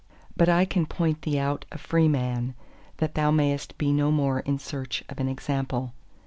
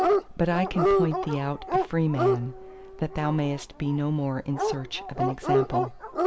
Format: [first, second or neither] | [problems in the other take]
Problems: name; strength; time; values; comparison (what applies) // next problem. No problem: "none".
first | background sound (Dog); 1 dB above the speech